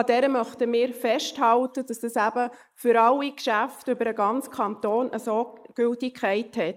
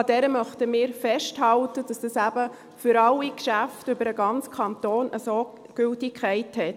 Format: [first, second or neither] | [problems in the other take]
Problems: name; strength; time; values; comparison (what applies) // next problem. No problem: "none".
second | noise reduction (neural mask model Resemble Enhance denoiser)